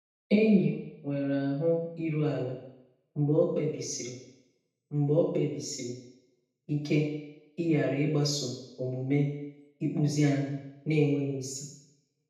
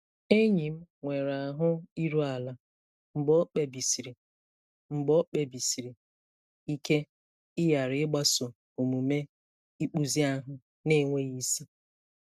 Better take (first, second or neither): second